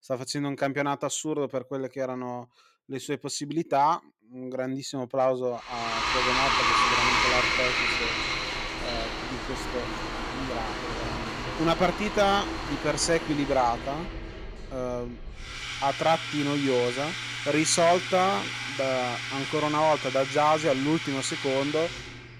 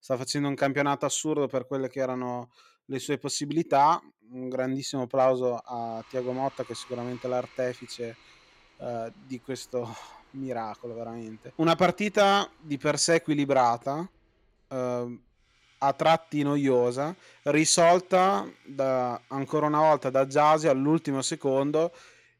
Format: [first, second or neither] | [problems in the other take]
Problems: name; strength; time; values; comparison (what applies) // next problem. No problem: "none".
second | household noises; loud; from 6 s on; 1 dB below the speech; faint in the second